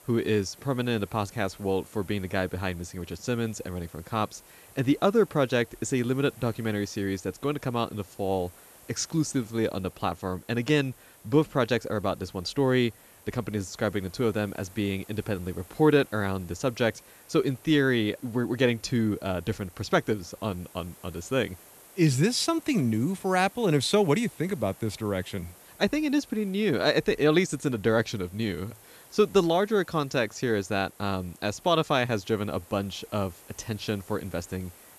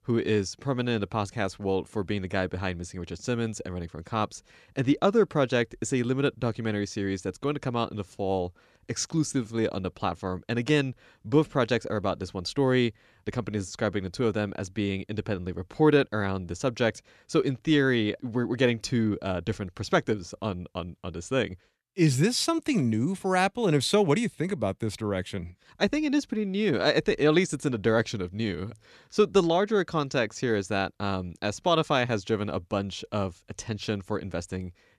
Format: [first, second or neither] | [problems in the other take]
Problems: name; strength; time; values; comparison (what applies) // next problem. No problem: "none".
second | hiss; faint; throughout; 25 dB below the speech